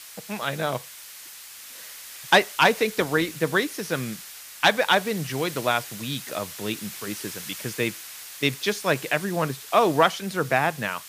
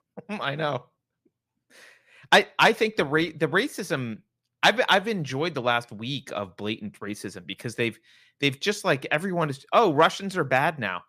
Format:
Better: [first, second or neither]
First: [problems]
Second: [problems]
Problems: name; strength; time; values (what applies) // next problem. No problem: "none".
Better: second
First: hiss; noticeable; throughout; 15 dB below the speech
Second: none